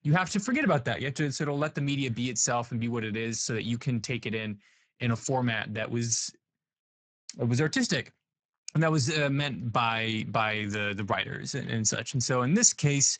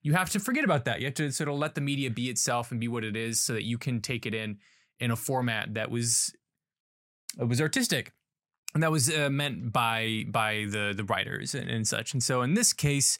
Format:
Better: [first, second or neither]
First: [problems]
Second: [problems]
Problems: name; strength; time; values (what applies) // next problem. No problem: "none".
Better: second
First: garbled, watery; badly; nothing above 7.5 kHz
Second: none